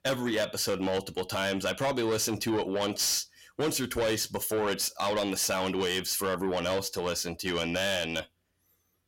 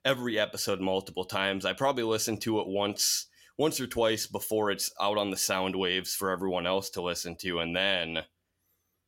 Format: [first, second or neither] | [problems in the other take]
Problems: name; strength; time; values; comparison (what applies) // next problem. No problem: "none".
second | distortion; heavy; 8 dB below the speech